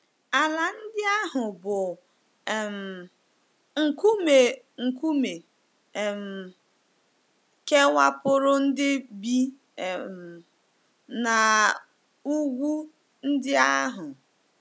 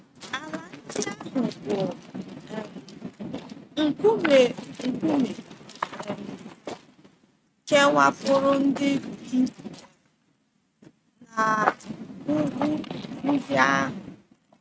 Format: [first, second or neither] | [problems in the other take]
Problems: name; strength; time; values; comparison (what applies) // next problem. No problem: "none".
first | noise reduction (neural mask model RNNoise)